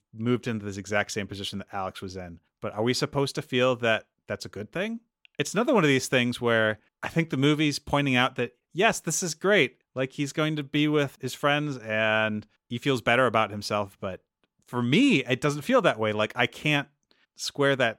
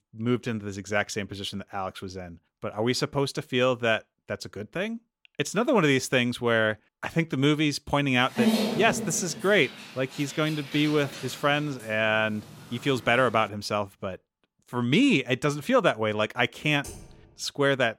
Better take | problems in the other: first | dog barking; loud; at 8.5 s; peak 2 dB above the speech // keyboard typing; faint; at 17 s; peak 15 dB below the speech

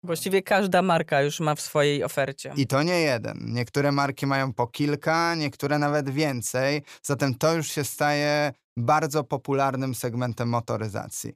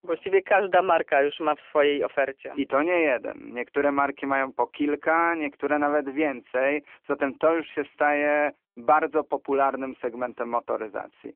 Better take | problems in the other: first | phone-call audio; nothing above 3 kHz

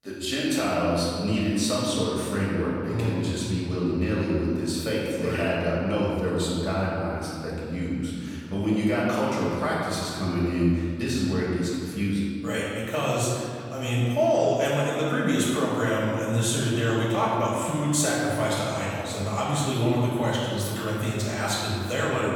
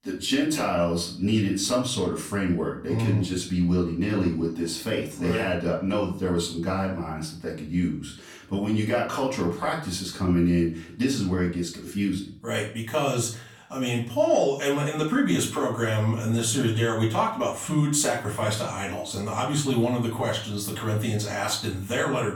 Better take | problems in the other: second | room echo; strong; dies away in 2 s; slight in the second // off-mic speech; far; far in the second

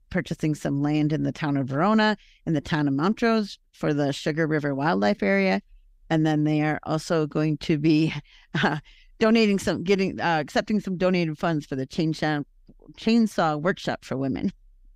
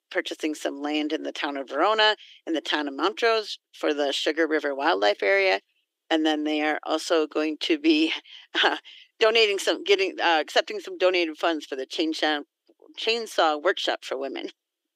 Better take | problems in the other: first | thin; very; fading below 300 Hz

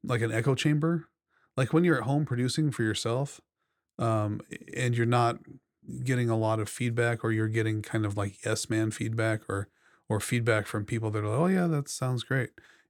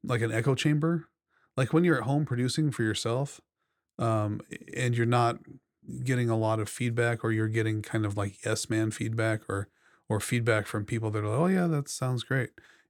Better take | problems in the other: neither | none

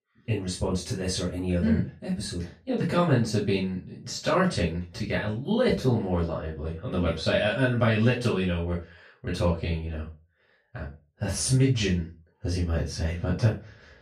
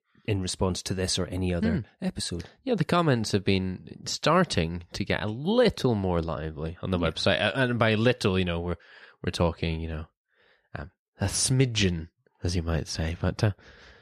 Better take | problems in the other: second | room echo; slight; dies away in 0.2 s // off-mic speech; far

